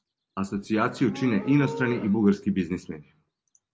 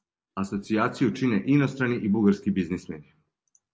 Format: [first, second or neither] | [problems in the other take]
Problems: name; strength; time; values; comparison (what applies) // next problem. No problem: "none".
second | background sound (Livestock, farm animals, working animals); 16 dB below the speech